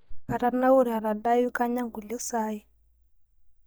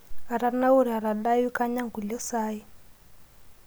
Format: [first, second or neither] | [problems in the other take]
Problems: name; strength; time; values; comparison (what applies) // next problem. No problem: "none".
second | noise reduction (neural mask model DeepFilterNet 3)